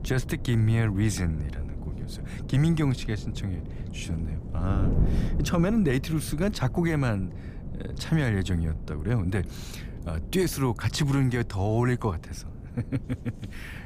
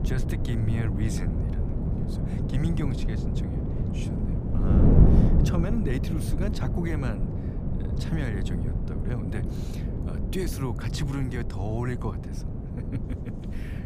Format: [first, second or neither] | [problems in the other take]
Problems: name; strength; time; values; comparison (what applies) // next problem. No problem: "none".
first | wind noise on the microphone; heavy; 1 dB above the speech; occasional gusts in the first